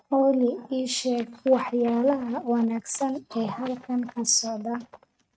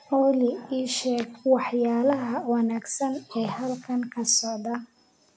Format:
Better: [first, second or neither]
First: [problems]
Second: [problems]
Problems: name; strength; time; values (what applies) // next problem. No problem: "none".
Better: second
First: noise reduction (neural mask model RNNoise)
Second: none